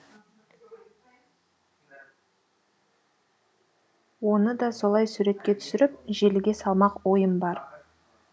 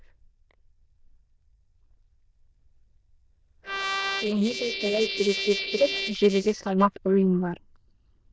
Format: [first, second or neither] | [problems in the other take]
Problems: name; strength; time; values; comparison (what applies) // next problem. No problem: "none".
first | noise reduction (neural diffusion model UNIVERSE++)